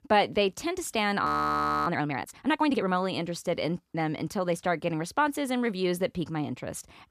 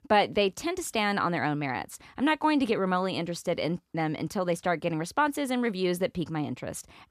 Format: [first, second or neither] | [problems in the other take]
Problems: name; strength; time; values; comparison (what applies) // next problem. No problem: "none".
second | audio freezing; at 1.5 s for 0.5 s